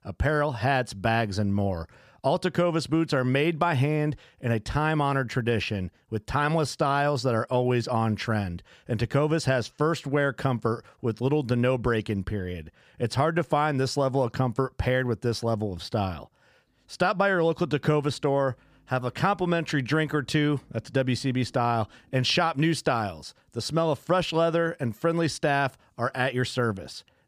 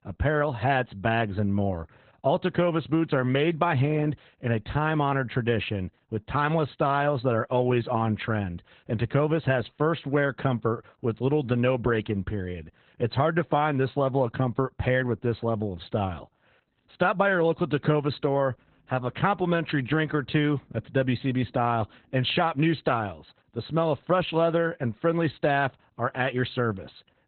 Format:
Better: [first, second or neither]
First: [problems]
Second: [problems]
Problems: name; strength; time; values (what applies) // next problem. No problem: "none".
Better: first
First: none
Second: garbled, watery; badly; nothing above 4 kHz